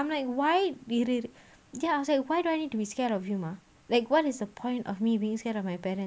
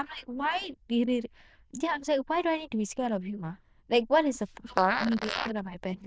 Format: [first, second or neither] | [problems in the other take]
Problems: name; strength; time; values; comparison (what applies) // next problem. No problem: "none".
first | noise reduction (neural diffusion model UNIVERSE++)